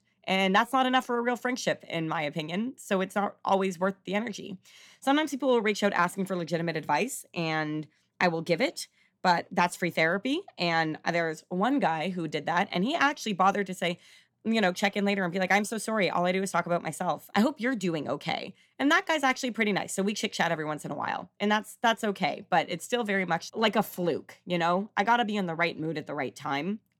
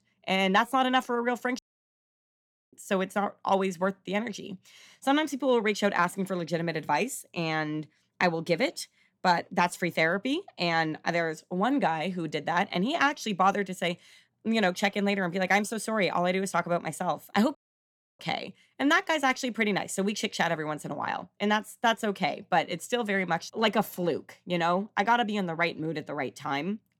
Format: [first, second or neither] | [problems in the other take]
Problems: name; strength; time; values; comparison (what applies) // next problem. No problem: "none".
first | audio cutting out; at 1.5 s for 1 s and at 18 s for 0.5 s